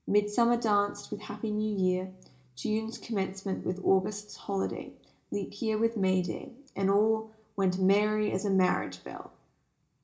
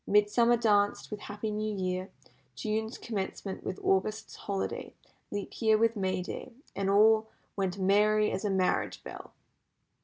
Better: second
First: room echo; dies away in 0.4 s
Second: none

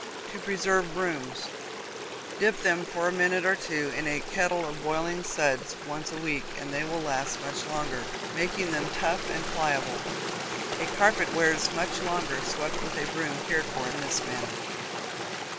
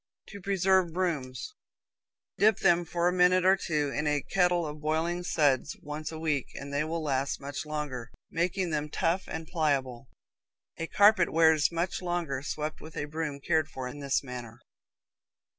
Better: second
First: background sound (Stream); 5 dB below the speech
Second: none

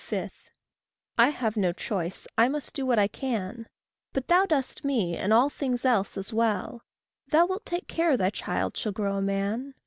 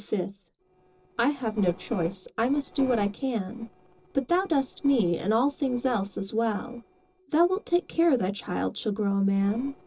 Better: first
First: none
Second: noise reduction (neural separator model SepFormer DNS4)

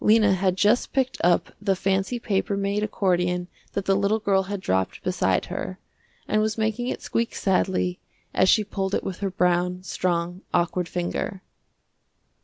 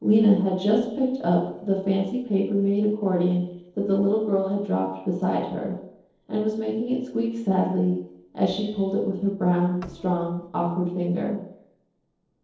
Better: first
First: none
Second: noise reduction (neural separator model SepFormer DNS4)

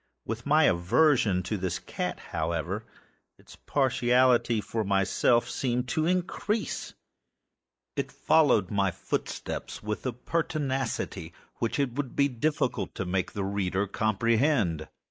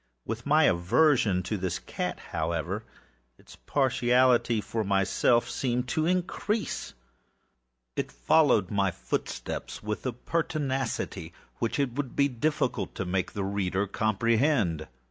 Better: second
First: noise reduction (neural mask model Resemble Enhance denoiser)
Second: none

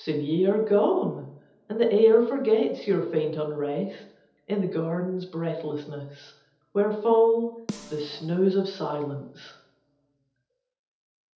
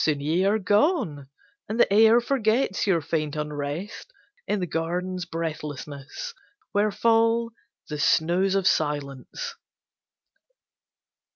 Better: second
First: background sound (Snare drum); 17 dB below the speech // room echo; dies away in 0.8 s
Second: none

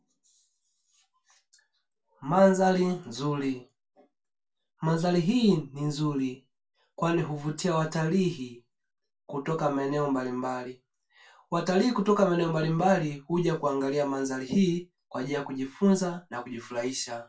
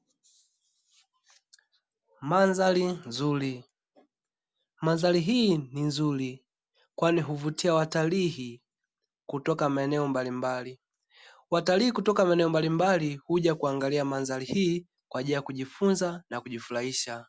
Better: second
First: room echo; dies away in 0.2 s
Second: none

